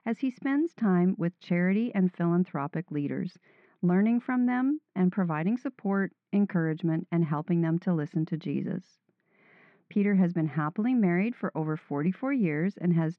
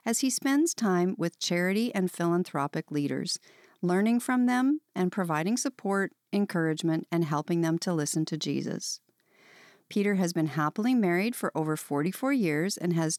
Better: second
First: muffled; very; fading above 2.5 kHz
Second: none

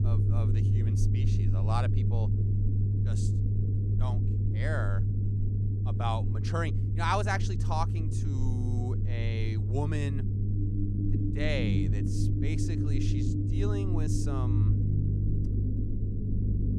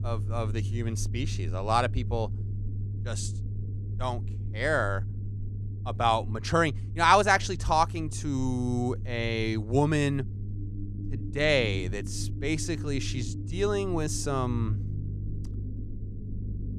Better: second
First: low rumble; loud; throughout; 4 dB below the speech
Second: low rumble; faint; throughout; 20 dB below the speech

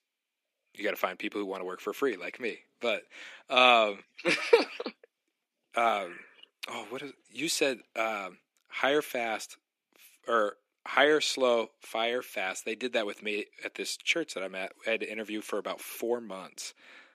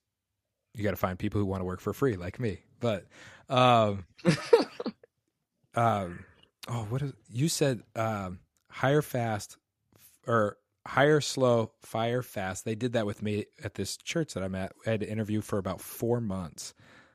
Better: second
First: thin; somewhat; fading below 300 Hz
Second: none

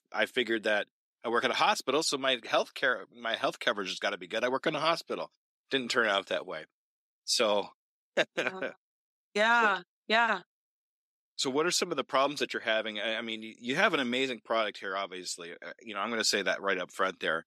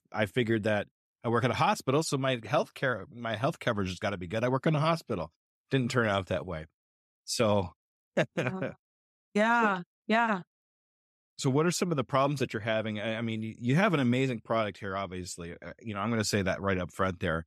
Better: second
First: thin; somewhat; fading below 300 Hz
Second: none

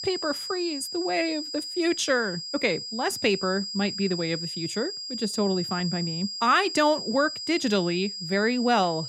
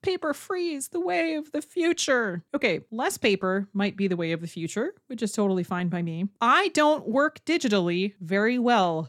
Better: second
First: high-pitched whine; loud; throughout; 5 kHz, 6 dB below the speech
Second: none

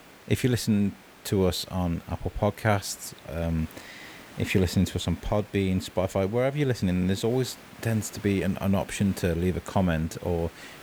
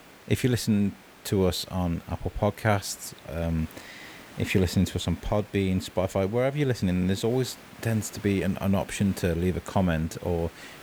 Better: neither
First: hiss; faint; throughout; 20 dB below the speech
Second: hiss; faint; throughout; 20 dB below the speech

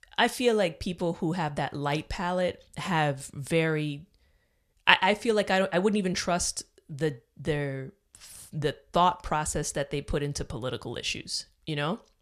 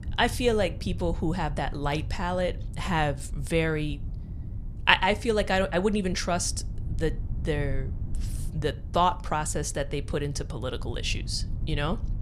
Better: first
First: none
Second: low rumble; faint; throughout; 25 dB below the speech

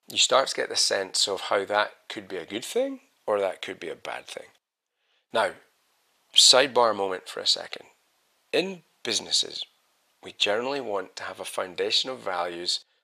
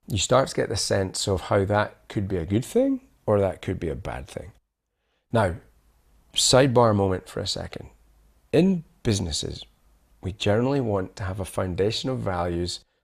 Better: second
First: thin; somewhat; fading below 500 Hz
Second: none

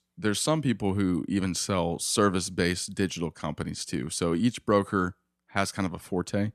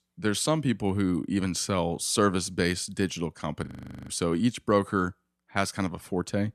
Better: first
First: none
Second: audio freezing; at 3.5 s

